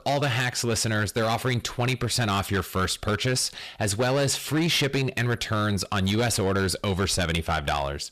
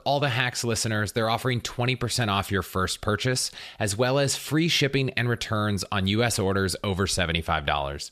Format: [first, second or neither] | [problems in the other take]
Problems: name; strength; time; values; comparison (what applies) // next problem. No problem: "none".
second | distortion; slight; 12% of the sound clipped